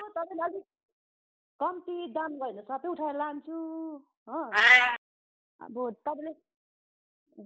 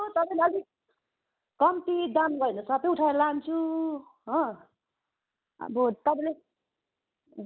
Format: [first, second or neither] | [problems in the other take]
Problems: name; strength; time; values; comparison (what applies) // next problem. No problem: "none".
second | noise reduction (neural mask model Resemble Enhance denoiser)